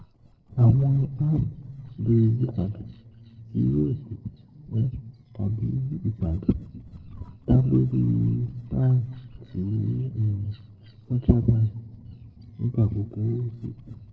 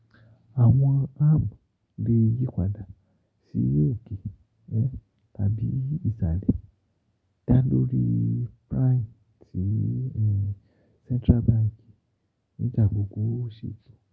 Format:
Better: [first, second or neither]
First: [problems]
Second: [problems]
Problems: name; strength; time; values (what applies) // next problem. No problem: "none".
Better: second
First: noise reduction (neural separator model SepFormer DNS4)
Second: none